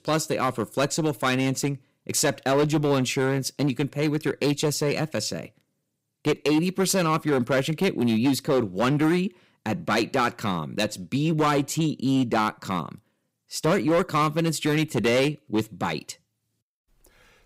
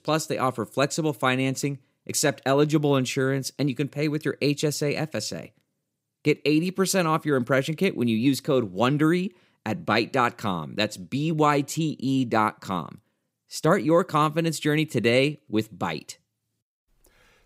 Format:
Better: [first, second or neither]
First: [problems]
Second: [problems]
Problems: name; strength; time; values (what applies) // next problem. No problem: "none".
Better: second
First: distortion; slight; 7% of the sound clipped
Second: none